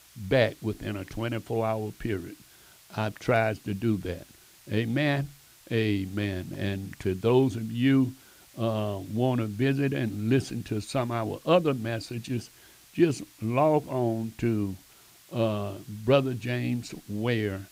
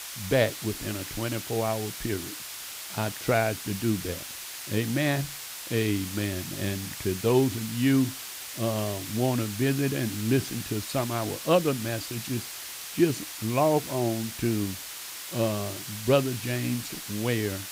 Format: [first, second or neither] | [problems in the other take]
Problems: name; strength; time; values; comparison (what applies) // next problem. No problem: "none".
first | hiss; loud; throughout; 8 dB below the speech; faint in the first